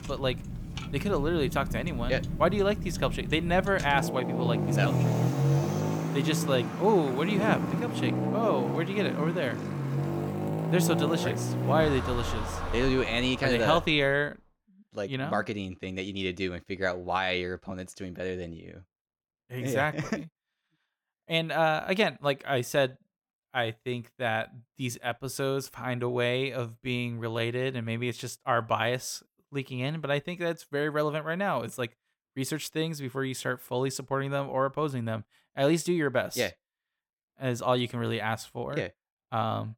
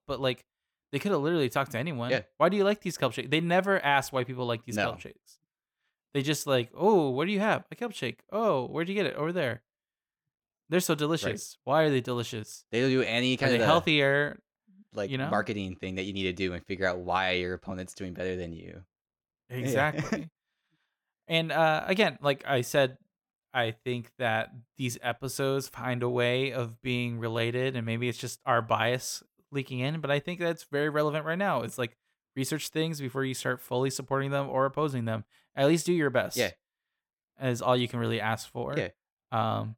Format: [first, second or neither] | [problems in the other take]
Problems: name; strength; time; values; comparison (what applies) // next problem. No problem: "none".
second | traffic noise; loud; until 14 s; 2 dB below the speech